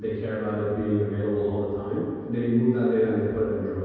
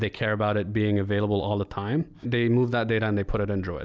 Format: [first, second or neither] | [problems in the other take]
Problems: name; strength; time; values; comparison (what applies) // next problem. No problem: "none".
second | room echo; dies away in 2.2 s